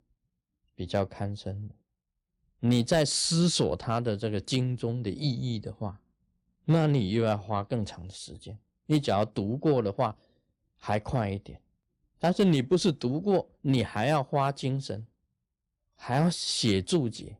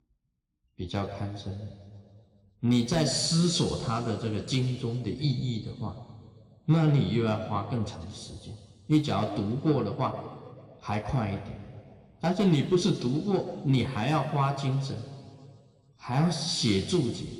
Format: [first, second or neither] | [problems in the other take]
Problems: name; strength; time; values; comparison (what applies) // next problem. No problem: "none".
first | room echo; noticeable; dies away in 1.8 s